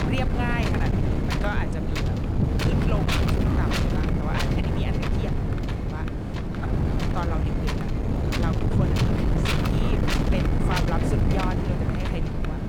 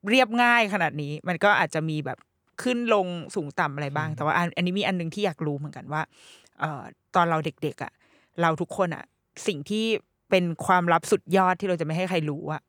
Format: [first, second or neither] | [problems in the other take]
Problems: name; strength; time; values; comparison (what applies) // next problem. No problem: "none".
second | wind noise on the microphone; heavy; 4 dB above the speech